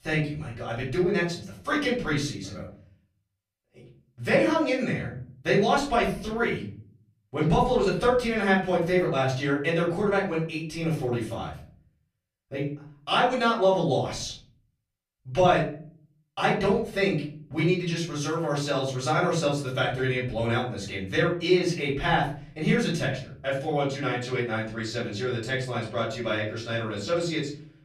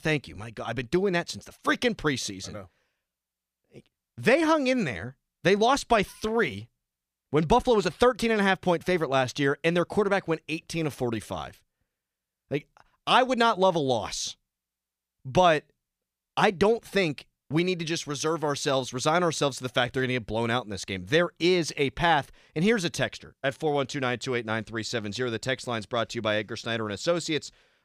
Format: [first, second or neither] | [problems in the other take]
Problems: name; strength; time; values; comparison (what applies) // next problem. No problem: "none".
second | off-mic speech; far // room echo; slight; dies away in 0.6 s